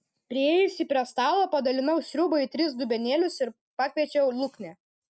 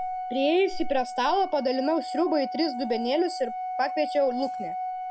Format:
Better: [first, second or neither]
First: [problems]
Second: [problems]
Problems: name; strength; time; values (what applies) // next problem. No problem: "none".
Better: first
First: none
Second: background sound (Organ); 6 dB below the speech